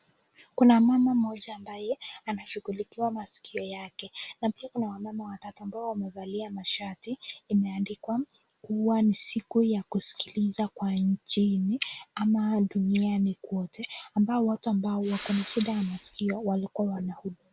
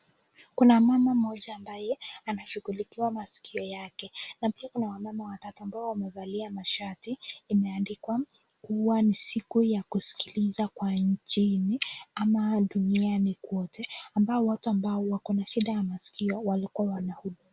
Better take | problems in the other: second | background sound (Respiratory sounds); 17 dB below the speech

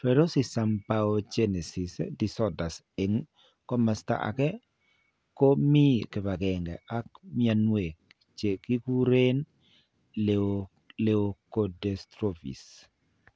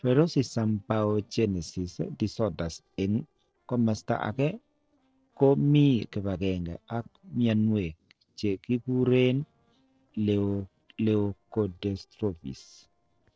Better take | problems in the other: first | noise reduction (neural separator model SepFormer DNS4)

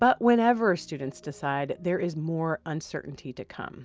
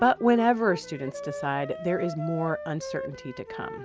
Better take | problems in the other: first | background sound (Wind instrument, woodwind instrument); 11 dB below the speech

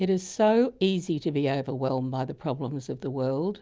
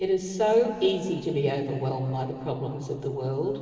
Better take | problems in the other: first | room echo; dies away in 2.8 s

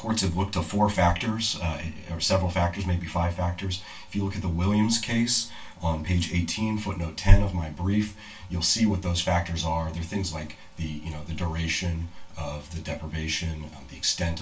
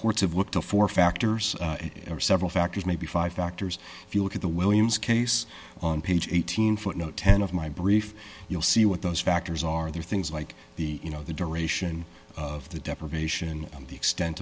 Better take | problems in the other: second | room echo; dies away in 0.2 s

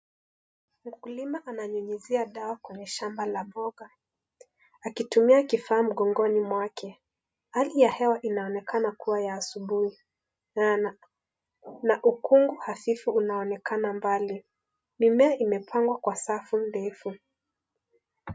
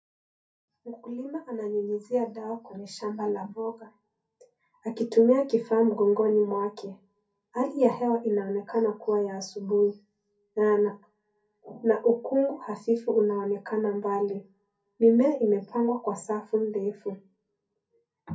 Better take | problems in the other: first | room echo; dies away in 0.3 s

